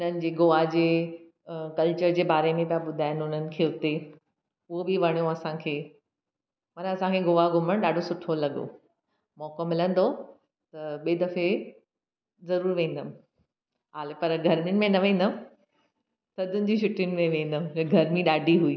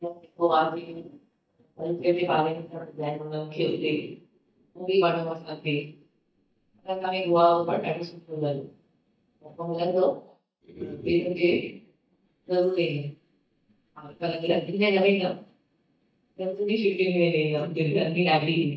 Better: first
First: none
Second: noise reduction (neural mask model DeepFilterNet 3)

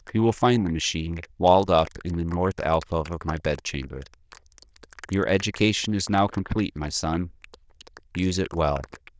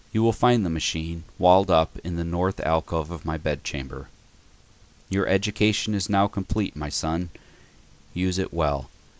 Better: second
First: noise reduction (neural diffusion model UNIVERSE++)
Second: none

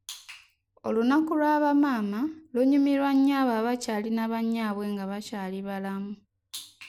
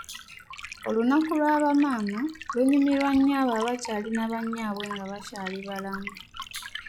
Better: first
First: none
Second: noise reduction (classical method log-MMSE)

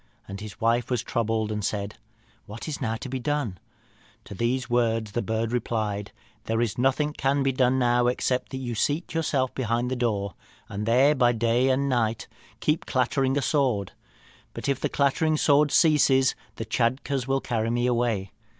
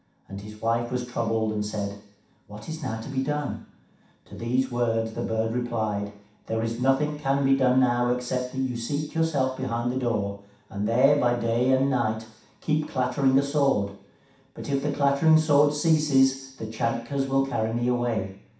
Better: first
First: none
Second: room echo; dies away in 0.7 s

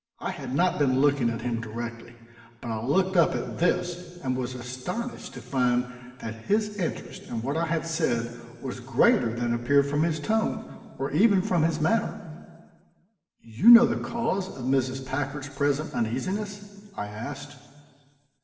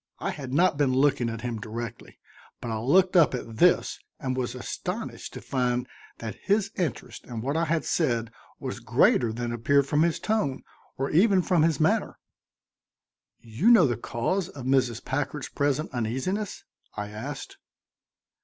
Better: second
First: room echo; dies away in 1.7 s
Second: none

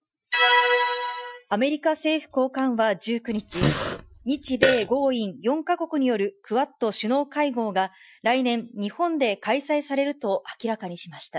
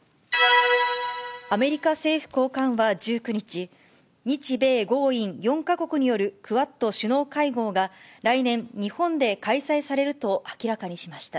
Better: second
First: noise reduction (classical method Wiener filter)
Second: none

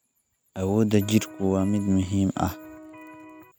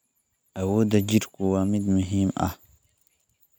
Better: second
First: background sound (Electric guitar); 18 dB below the speech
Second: none

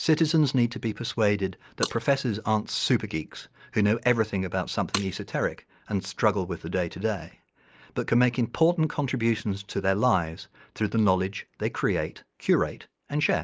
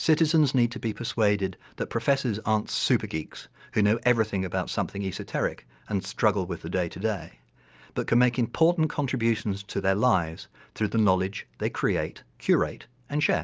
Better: second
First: noise reduction (neural mask model Resemble Enhance denoiser)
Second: none

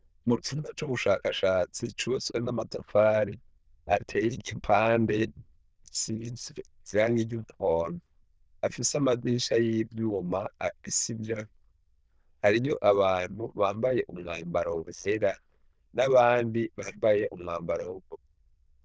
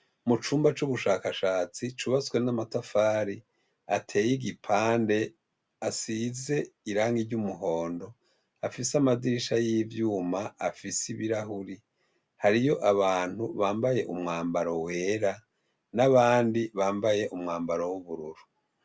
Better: second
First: noise reduction (neural diffusion model UNIVERSE++)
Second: none

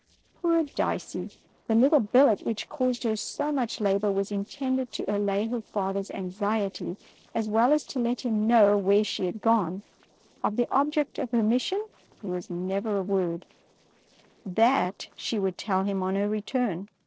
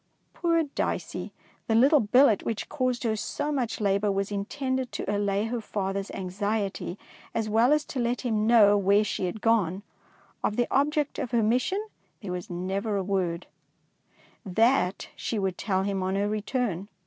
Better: second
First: noise reduction (neural separator model SepFormer DNS4)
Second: none

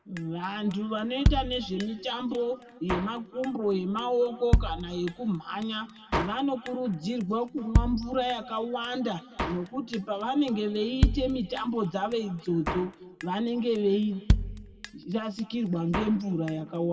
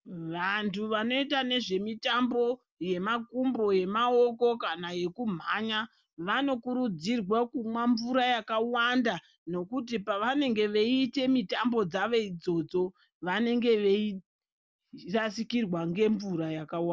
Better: second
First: background sound (Drum kit); 3 dB below the speech // room echo; dies away in 1.9 s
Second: none

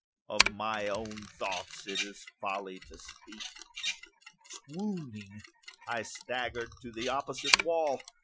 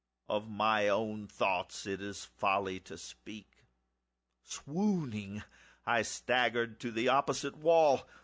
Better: second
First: noise reduction (classical method Wiener filter)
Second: none

